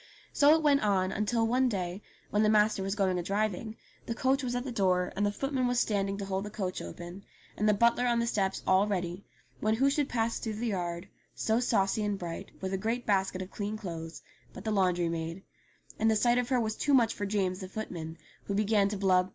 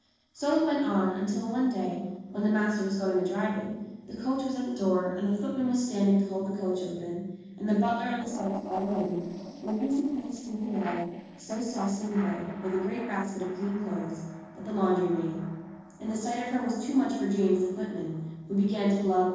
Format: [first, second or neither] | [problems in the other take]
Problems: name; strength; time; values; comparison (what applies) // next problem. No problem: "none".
first | noise reduction (neural separator model SepFormer DNS4)